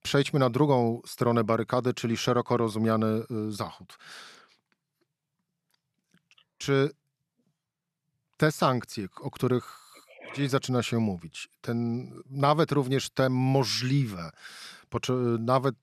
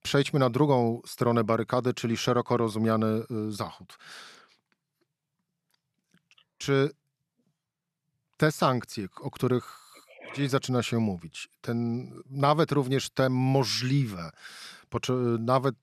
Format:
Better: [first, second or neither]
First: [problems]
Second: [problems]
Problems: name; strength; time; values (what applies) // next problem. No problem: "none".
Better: neither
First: none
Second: none